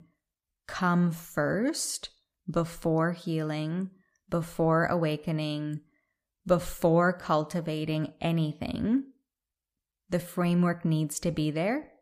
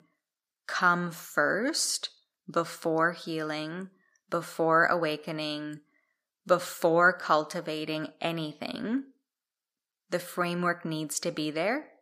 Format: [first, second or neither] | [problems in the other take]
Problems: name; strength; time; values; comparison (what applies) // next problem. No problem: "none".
first | thin; somewhat; fading below 300 Hz